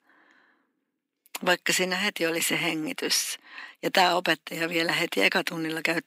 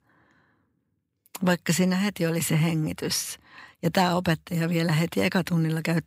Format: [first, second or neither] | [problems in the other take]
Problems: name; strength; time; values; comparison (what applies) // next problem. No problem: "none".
second | thin; somewhat; fading below 250 Hz